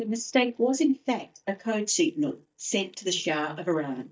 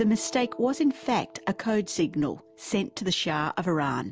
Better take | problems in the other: second | noise reduction (neural mask model DeepFilterNet 3)

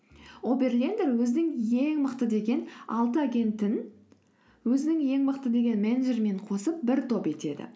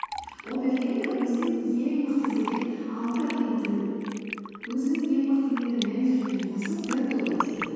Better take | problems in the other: first | background sound (Fill (with liquid)); 12 dB below the speech // room echo; dies away in 2.1 s

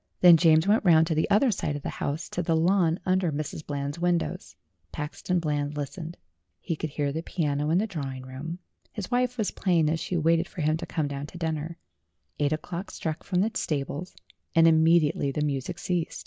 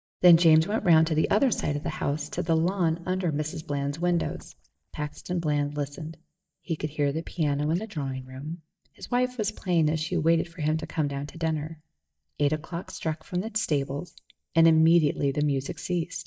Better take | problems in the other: first | noise reduction (neural mask model DeepFilterNet 3)

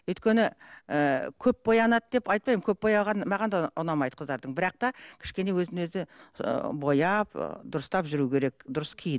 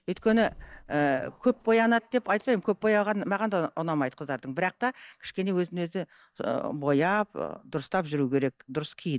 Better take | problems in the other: first | noise reduction (neural mask model DeepFilterNet 3)

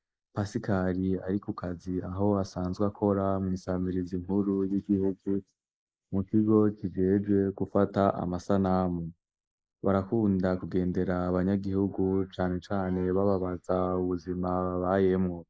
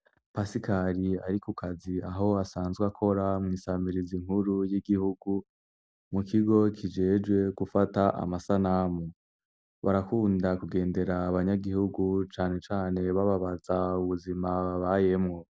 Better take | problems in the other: second | noise reduction (neural mask model Resemble Enhance denoiser)

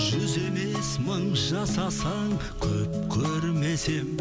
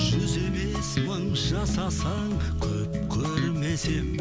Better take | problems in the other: first | background sound (Bass guitar); 3 dB below the speech

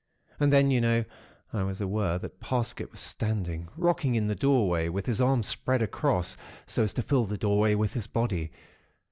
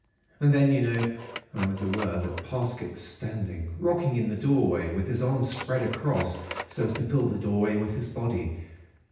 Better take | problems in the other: first | background sound (Telephone); 16 dB below the speech // room echo; dies away in 0.9 s

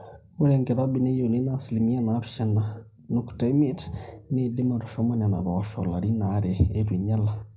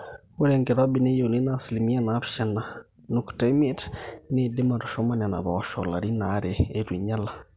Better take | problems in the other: second | room echo; dies away in 0.3 s

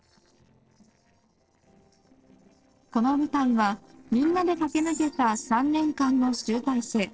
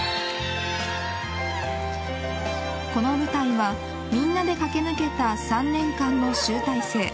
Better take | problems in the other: second | noise reduction (neural separator model SepFormer DNS4)

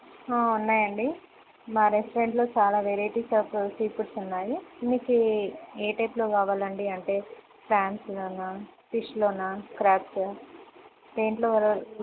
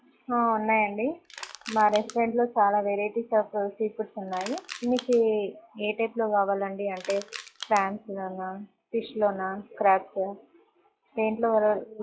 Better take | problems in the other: first | noise reduction (classical method log-MMSE)

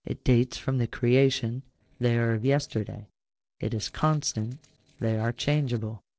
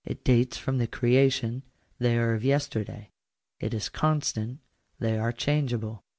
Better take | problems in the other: second | noise reduction (neural separator model SepFormer DNS4)

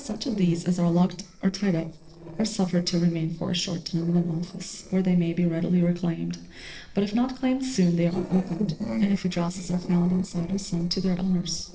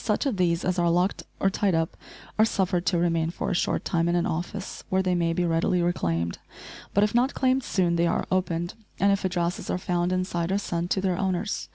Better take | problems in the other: second | noise reduction (neural separator model SepFormer DNS4)

